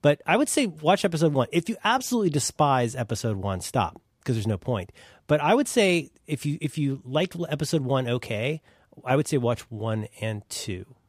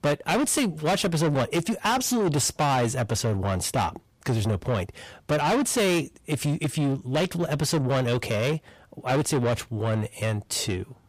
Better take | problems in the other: first | distortion; heavy; 6 dB below the speech

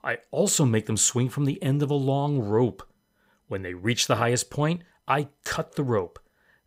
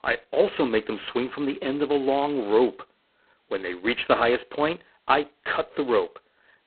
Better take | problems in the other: first | phone-call audio; poor line; nothing above 4 kHz

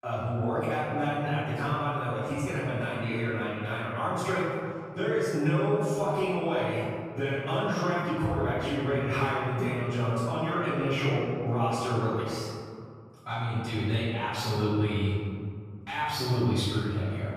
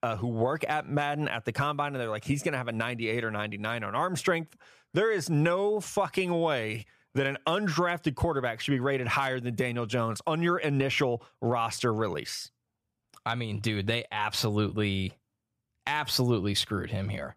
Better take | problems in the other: second | off-mic speech; far // room echo; strong; dies away in 2.2 s

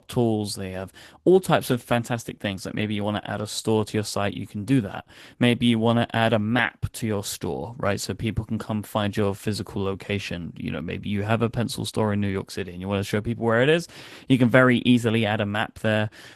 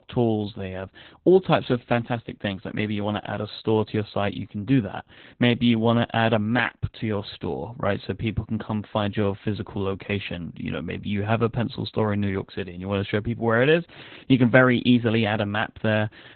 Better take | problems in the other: first | garbled, watery; badly; nothing above 4 kHz; slightly in the first

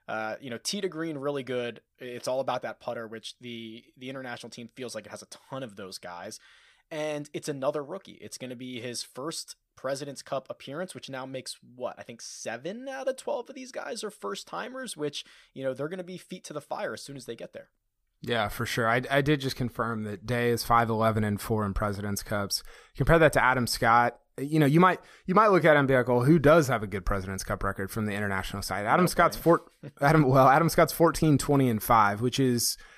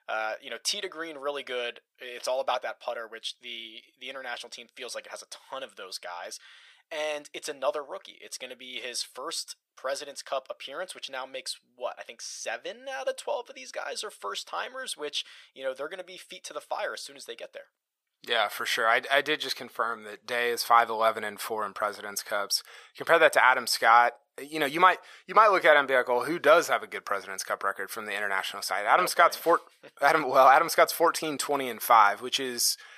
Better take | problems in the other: first | thin; very; fading below 650 Hz

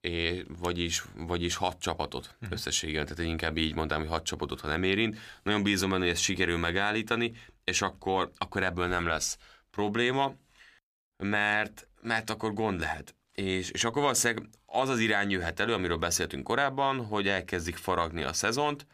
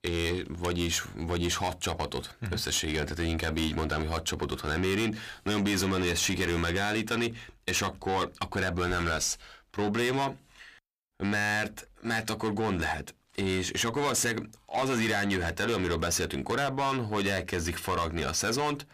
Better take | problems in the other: first | distortion; heavy; 7 dB below the speech

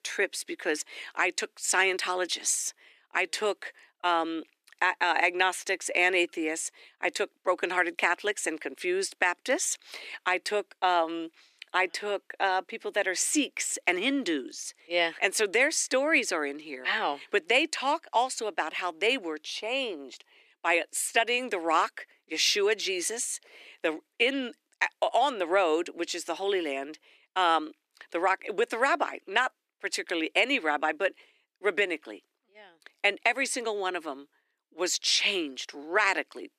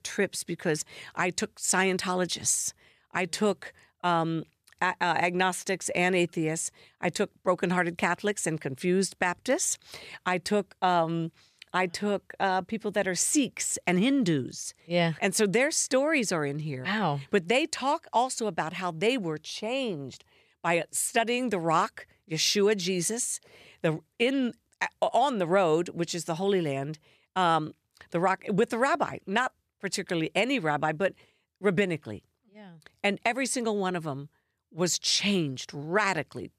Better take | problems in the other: second | thin; somewhat; fading below 300 Hz

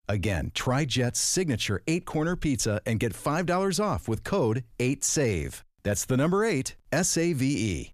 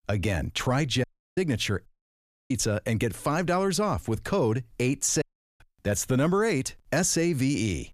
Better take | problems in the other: first | audio cutting out; at 1 s, at 2 s for 0.5 s and at 5 s

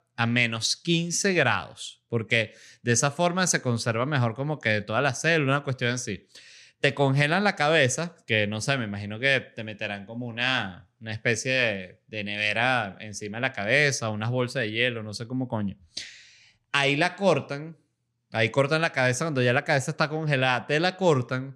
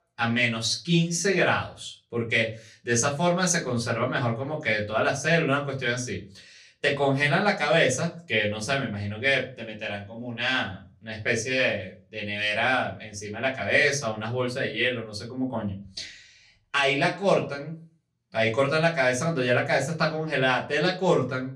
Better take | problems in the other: first | off-mic speech; far // room echo; very slight; dies away in 0.3 s

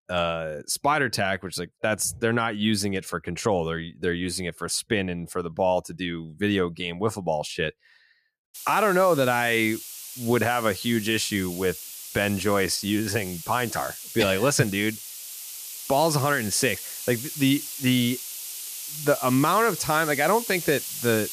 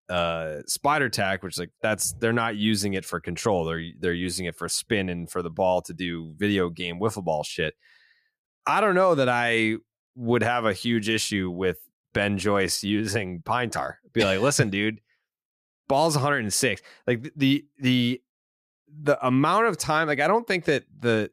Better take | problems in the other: second | hiss; loud; from 8.5 s on; 9 dB below the speech

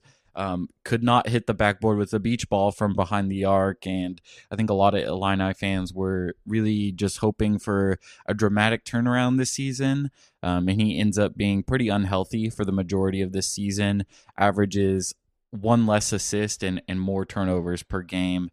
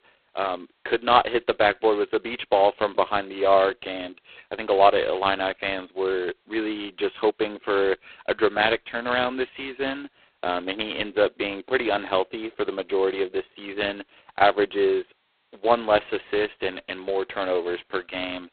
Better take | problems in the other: first | phone-call audio; poor line; nothing above 4 kHz

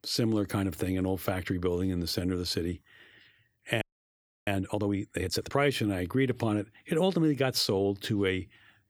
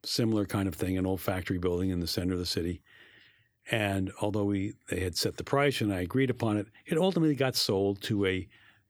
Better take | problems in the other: second | audio freezing; at 4 s for 0.5 s

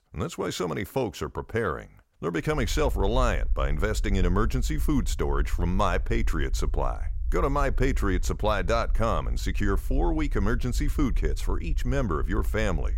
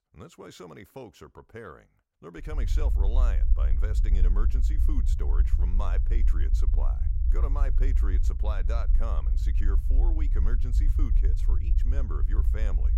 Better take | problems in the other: first | low rumble; loud; from 2.5 s on; 6 dB below the speech; faint in the first

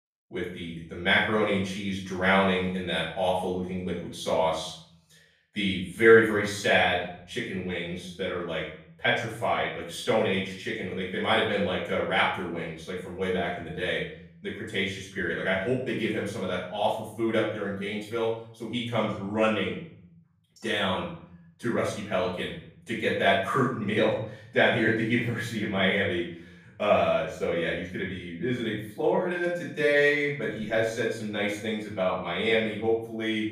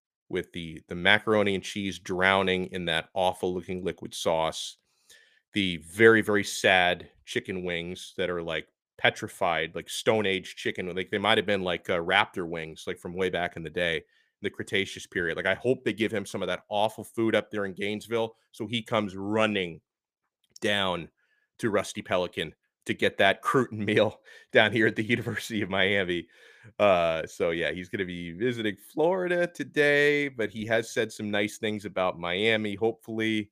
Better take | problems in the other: second | room echo; noticeable; dies away in 0.6 s // off-mic speech; far

